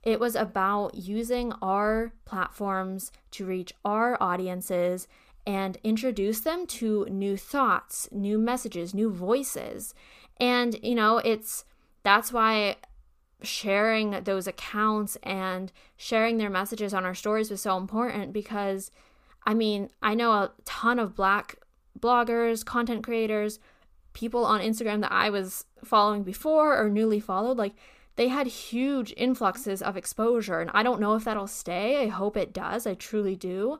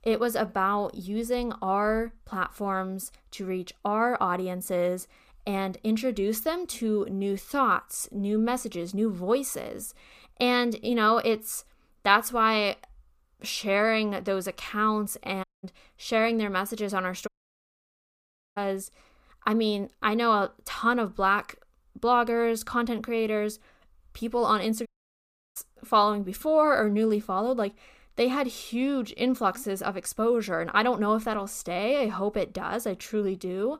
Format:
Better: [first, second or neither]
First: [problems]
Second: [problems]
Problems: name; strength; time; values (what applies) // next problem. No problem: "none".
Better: first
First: none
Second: audio cutting out; at 15 s, at 17 s for 1.5 s and at 25 s for 0.5 s